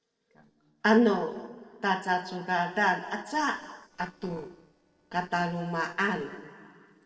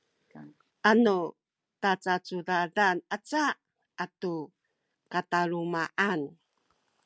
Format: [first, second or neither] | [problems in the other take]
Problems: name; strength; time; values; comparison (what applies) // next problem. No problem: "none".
second | noise reduction (neural separator model SepFormer DNS4)